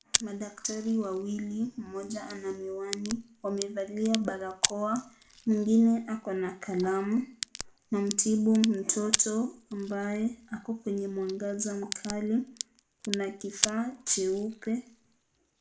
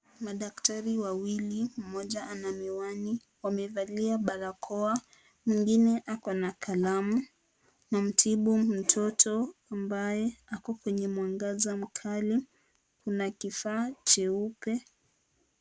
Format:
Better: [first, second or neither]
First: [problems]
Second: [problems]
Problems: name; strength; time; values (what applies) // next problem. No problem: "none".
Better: second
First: background sound (Crack); 8 dB below the speech // room echo; dies away in 0.4 s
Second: none